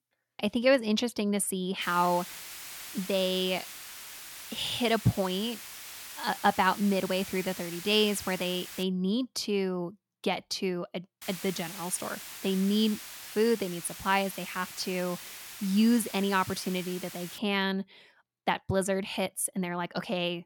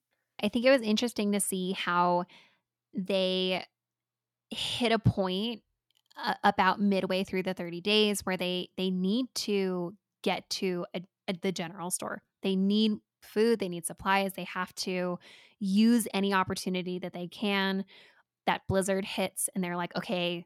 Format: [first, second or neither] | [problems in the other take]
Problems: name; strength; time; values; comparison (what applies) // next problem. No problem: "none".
second | hiss; noticeable; from 2 to 9 s and from 11 to 17 s; 10 dB below the speech